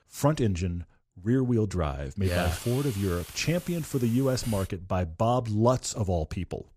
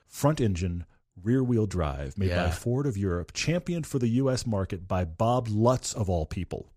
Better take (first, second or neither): second